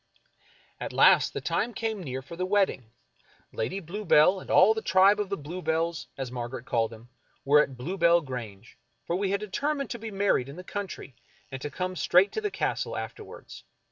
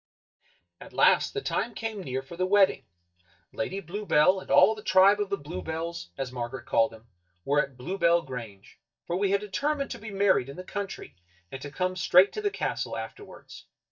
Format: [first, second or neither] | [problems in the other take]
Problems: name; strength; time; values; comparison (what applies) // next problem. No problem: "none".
first | noise reduction (neural mask model DeepFilterNet 3)